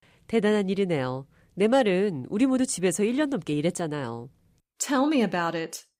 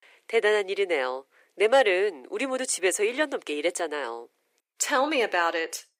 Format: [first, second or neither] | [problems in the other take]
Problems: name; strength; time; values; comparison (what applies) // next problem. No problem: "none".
first | thin; very; fading below 350 Hz